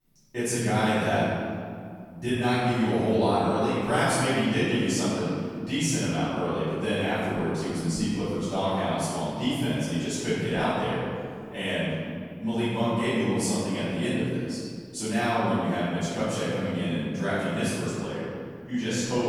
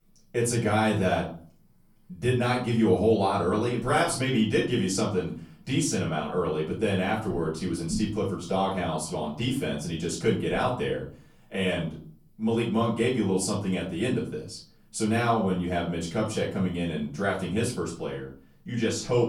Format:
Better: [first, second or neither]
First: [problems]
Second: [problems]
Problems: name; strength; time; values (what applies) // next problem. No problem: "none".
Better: second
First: room echo; strong; dies away in 2 s // off-mic speech; far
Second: room echo; slight; dies away in 0.4 s // off-mic speech; far